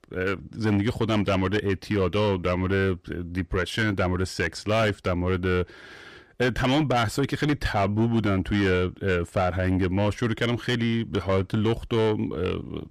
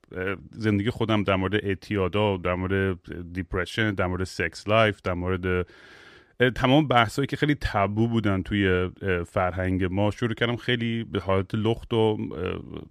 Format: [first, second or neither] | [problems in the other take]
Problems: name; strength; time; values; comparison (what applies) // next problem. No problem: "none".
second | distortion; heavy; 8 dB below the speech